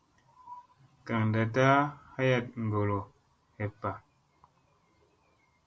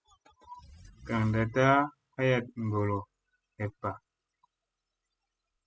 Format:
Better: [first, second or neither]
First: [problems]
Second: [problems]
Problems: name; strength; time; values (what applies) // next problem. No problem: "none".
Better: first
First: none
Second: noise reduction (classical method spectral subtraction)